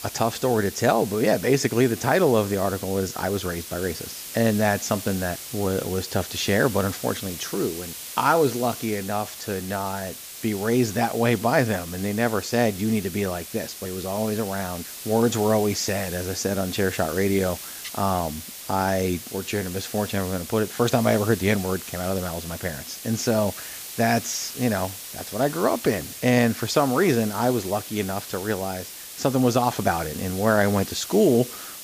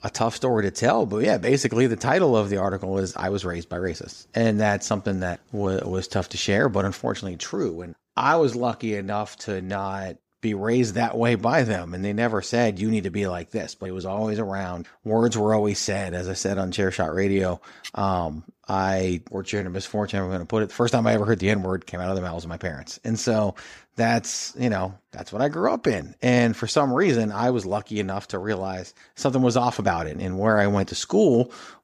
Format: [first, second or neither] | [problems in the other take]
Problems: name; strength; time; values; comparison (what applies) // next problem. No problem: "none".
second | hiss; noticeable; throughout; 10 dB below the speech